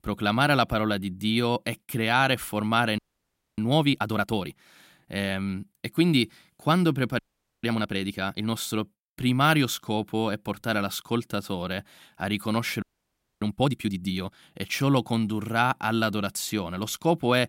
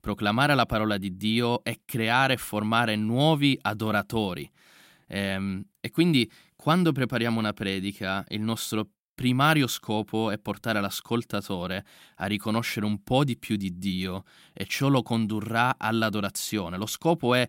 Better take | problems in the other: second | audio freezing; at 3 s for 0.5 s, at 7 s and at 13 s for 0.5 s

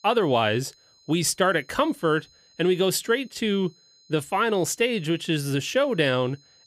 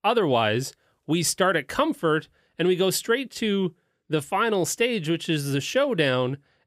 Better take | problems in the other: second | high-pitched whine; faint; throughout; 4 kHz, 30 dB below the speech

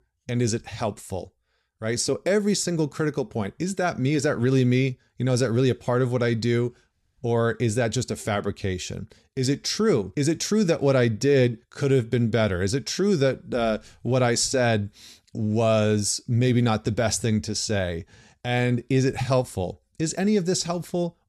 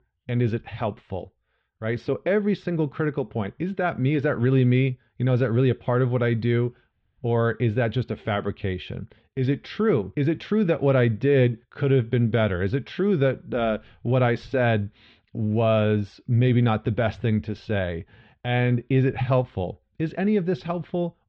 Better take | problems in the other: first | muffled; very; fading above 3.5 kHz

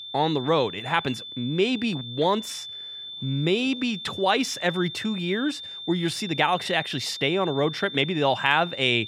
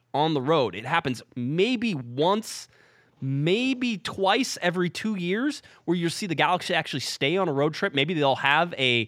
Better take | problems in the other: second | high-pitched whine; loud; throughout; 3.5 kHz, 10 dB below the speech

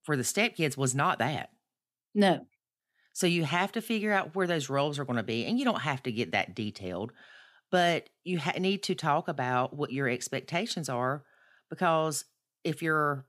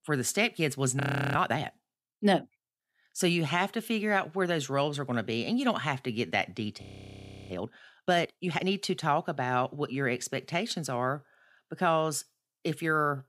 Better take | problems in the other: first | audio freezing; at 1 s and at 7 s for 0.5 s

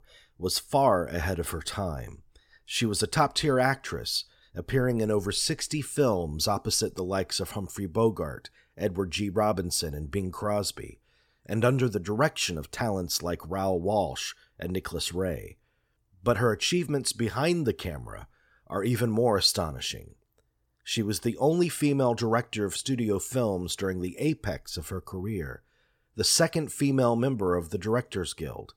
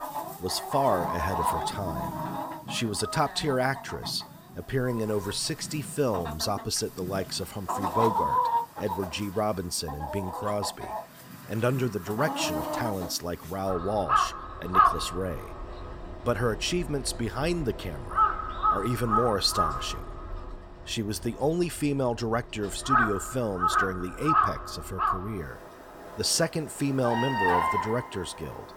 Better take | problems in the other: first | animal sounds; very loud; throughout; as loud as the speech

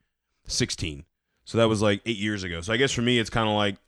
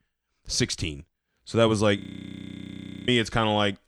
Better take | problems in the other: first | audio freezing; at 2 s for 1 s

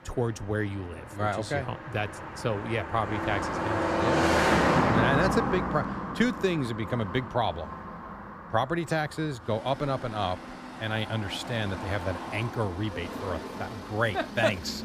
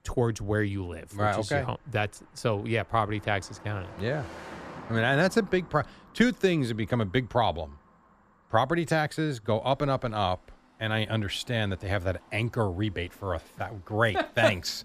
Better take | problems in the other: second | traffic noise; loud; throughout; as loud as the speech; faint in the second

